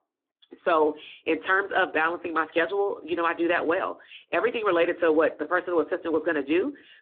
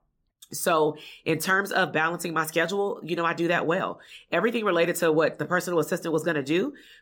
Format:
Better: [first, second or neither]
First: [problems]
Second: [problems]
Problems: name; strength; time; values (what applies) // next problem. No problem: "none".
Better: second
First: phone-call audio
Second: none